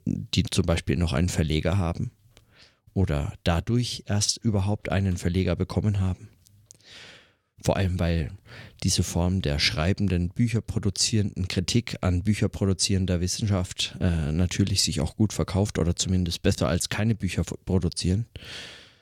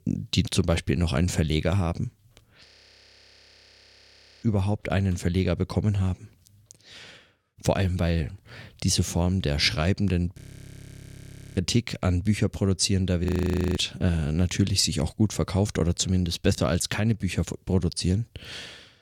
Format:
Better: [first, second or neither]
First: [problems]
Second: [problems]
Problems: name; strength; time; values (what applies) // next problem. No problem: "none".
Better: first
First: none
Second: audio freezing; at 2.5 s for 2 s, at 10 s for 1 s and at 13 s for 0.5 s